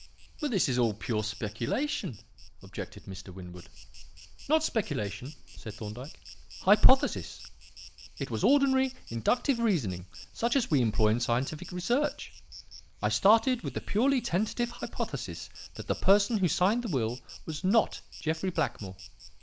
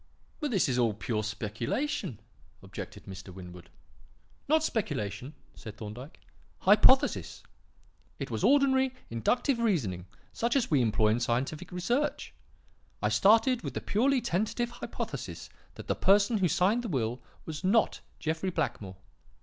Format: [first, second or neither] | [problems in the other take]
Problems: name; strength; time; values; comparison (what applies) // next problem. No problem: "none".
second | noise reduction (neural mask model Resemble Enhance denoiser)